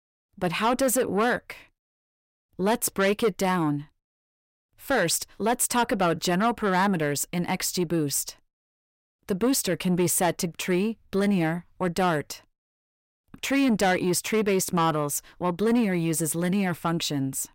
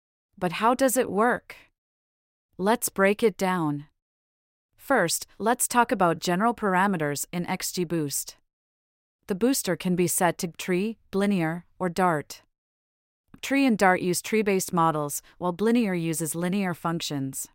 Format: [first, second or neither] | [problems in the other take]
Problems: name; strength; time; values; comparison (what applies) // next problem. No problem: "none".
second | distortion; slight; 10 dB below the speech